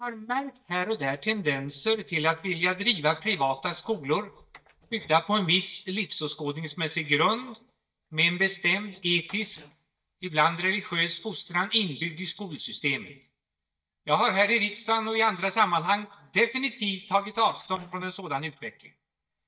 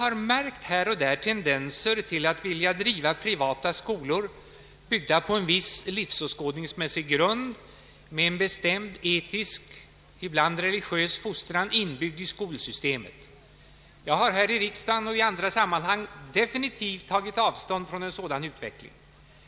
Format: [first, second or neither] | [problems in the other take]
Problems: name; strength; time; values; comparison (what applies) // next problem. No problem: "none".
second | noise reduction (neural mask model DeepFilterNet 3)